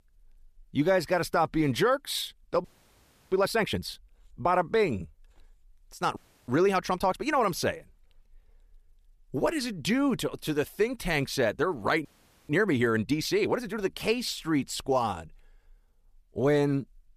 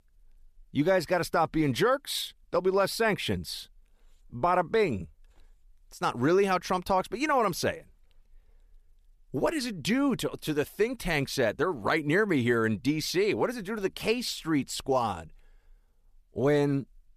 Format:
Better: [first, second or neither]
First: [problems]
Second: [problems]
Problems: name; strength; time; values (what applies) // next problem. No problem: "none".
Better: second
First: audio freezing; at 2.5 s for 0.5 s, at 6 s and at 12 s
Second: none